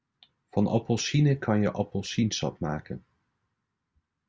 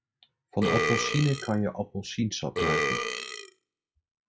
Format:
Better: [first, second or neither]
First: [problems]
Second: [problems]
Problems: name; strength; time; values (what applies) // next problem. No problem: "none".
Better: first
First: none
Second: noise reduction (classical method log-MMSE)